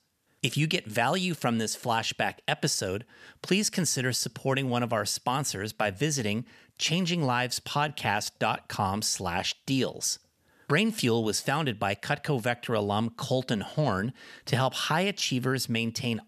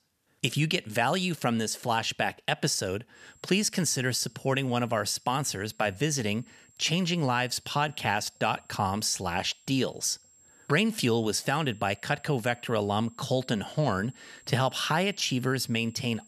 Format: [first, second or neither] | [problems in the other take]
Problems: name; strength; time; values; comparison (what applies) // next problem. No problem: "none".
first | high-pitched whine; faint; from 3 s on; 7.5 kHz, 30 dB below the speech